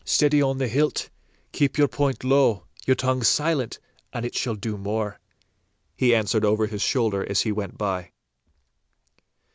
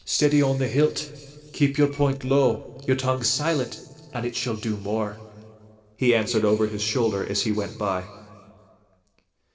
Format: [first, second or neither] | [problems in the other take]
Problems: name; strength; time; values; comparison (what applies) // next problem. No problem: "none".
first | noise reduction (neural separator model SepFormer DNS4)